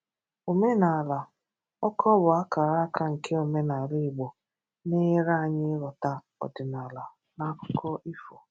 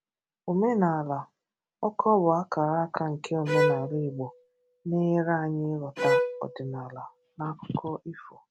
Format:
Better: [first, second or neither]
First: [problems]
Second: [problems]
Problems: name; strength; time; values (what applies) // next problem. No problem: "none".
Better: first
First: none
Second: background sound (Bowed string instrument); 3 dB below the speech